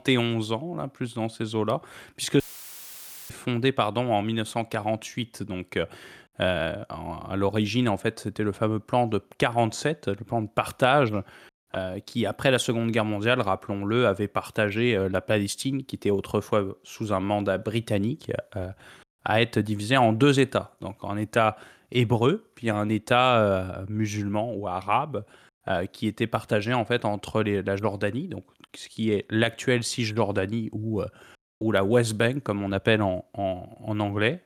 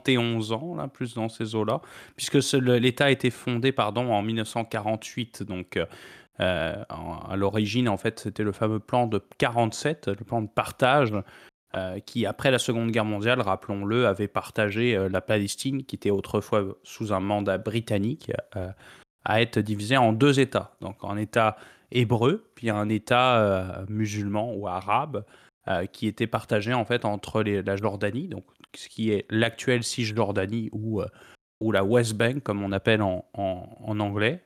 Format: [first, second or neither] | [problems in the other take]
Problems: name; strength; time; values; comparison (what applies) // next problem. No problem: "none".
second | audio cutting out; filled with static; at 2.5 s for 1 s